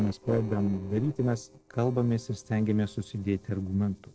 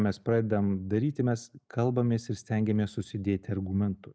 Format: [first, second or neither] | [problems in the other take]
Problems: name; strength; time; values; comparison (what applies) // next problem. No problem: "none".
second | noise reduction (neural separator model SepFormer DNS4)